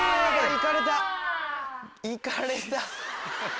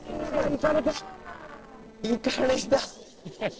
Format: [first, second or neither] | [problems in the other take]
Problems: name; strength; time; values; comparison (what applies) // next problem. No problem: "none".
first | noise reduction (neural separator model SepFormer DNS4)